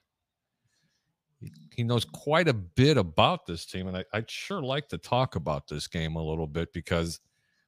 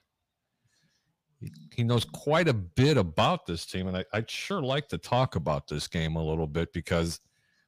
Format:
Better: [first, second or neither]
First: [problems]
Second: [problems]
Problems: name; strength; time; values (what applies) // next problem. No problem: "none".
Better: first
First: none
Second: distortion; slight; 10 dB below the speech